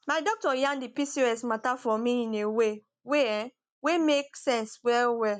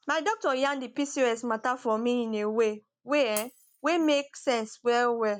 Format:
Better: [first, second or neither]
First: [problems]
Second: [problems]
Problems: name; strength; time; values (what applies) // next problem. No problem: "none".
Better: first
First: none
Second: background sound (Shatter); 18 dB below the speech